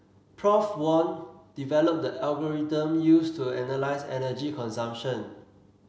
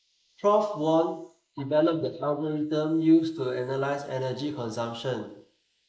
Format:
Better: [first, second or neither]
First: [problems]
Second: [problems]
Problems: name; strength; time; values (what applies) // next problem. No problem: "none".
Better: first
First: none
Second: noise reduction (neural mask model Resemble Enhance denoiser)